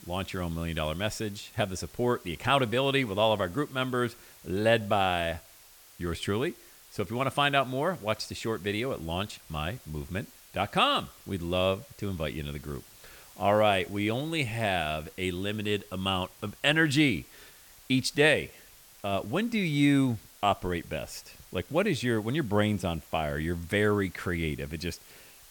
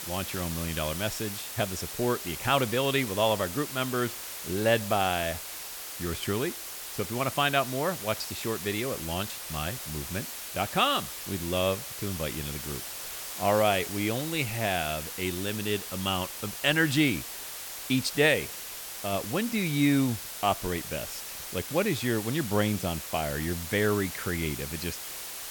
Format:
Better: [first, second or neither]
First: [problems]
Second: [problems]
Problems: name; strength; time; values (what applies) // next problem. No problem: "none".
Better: first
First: hiss; faint; throughout; 20 dB below the speech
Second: hiss; loud; throughout; 7 dB below the speech